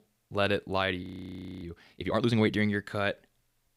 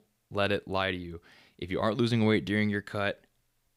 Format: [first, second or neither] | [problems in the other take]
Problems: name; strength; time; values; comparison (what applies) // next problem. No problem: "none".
second | audio freezing; at 1 s for 0.5 s